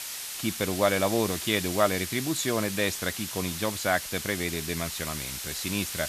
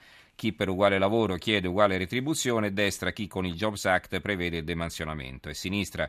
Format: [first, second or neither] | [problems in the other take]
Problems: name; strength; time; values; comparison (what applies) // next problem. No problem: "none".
second | hiss; loud; throughout; 5 dB below the speech